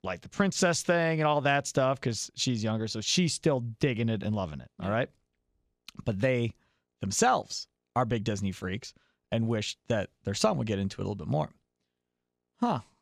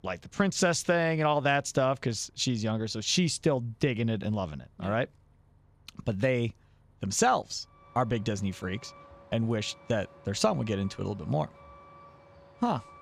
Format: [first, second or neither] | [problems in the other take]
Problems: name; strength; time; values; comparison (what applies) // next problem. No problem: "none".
first | traffic noise; faint; throughout; 25 dB below the speech